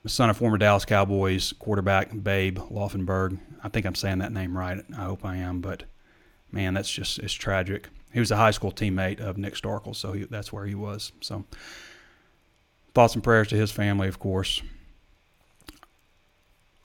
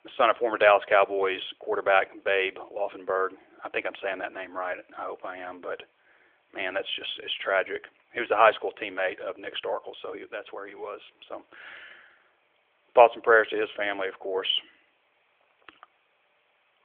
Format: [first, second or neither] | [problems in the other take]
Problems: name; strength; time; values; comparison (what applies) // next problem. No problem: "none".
first | phone-call audio; nothing above 3.5 kHz